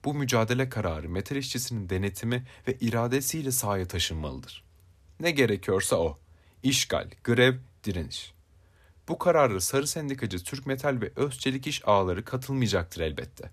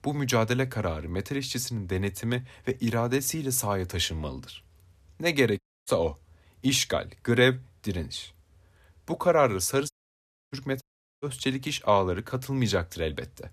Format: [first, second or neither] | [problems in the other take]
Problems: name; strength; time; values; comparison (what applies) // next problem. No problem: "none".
first | audio cutting out; at 5.5 s, at 10 s for 0.5 s and at 11 s